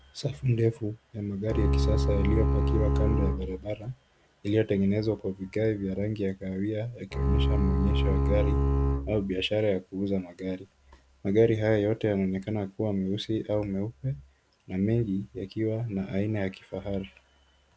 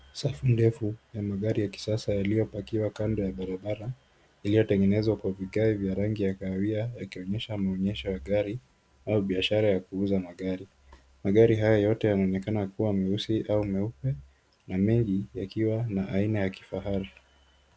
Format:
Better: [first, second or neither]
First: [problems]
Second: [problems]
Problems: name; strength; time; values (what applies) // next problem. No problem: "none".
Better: second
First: background sound (Bowed string instrument); 4 dB above the speech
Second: none